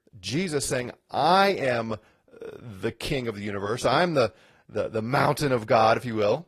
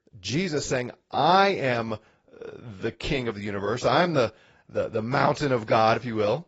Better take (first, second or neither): first